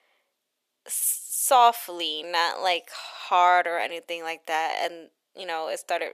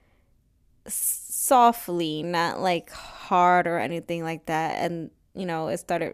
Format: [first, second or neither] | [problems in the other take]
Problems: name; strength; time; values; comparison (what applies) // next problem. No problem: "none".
second | thin; very; fading below 500 Hz